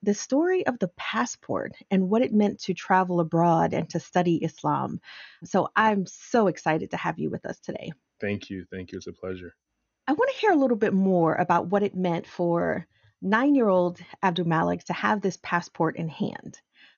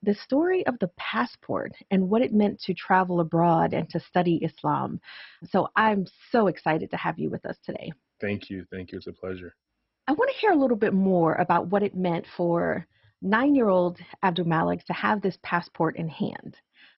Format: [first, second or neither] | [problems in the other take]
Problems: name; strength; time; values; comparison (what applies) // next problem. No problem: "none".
first | garbled, watery; badly; nothing above 5.5 kHz; slightly in the first